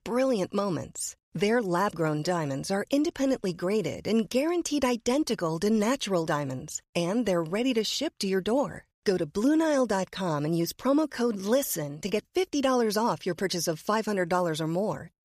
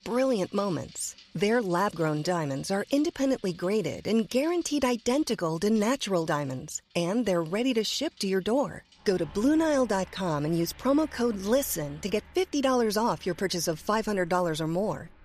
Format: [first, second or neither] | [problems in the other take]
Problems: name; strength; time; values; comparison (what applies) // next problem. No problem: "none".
first | traffic noise; faint; throughout; 25 dB below the speech